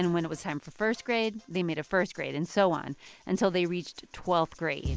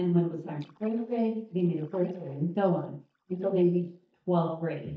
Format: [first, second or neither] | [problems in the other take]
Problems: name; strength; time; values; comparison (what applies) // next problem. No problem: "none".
first | noise reduction (neural mask model DeepFilterNet 3)